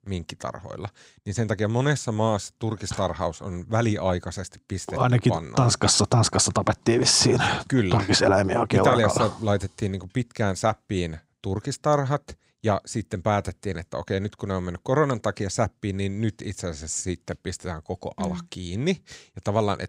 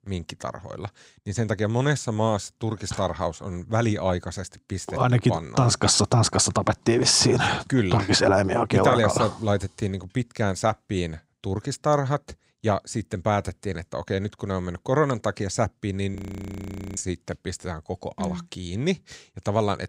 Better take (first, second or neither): first